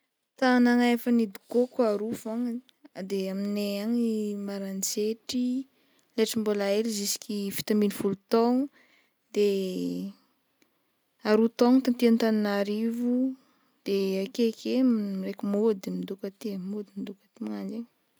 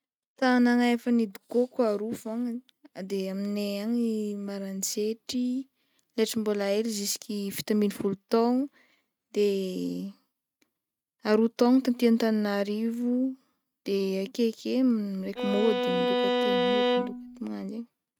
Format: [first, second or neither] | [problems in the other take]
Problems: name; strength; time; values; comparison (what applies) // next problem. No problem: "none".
first | noise reduction (neural mask model RNNoise)